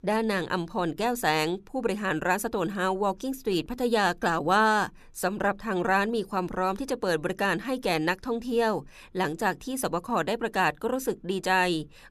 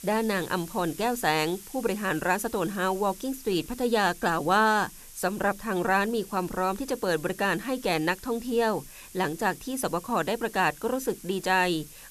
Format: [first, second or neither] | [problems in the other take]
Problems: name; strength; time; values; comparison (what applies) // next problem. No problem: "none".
first | hiss; noticeable; throughout; 15 dB below the speech